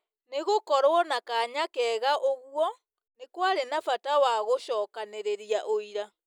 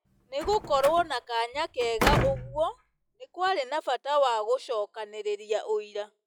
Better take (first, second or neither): first